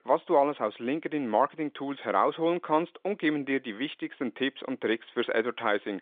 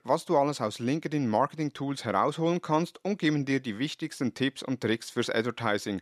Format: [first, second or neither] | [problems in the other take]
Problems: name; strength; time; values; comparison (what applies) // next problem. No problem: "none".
second | phone-call audio; nothing above 3.5 kHz